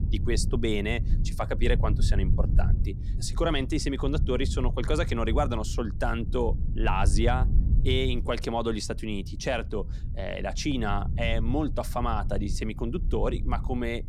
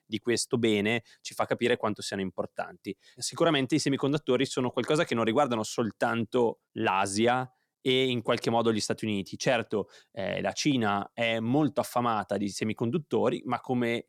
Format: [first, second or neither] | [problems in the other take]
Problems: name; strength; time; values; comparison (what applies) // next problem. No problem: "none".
second | low rumble; noticeable; throughout; 15 dB below the speech